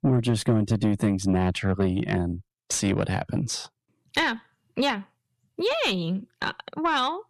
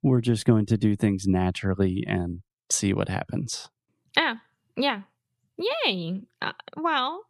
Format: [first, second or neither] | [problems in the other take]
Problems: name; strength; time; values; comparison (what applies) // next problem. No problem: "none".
second | distortion; slight; 10 dB below the speech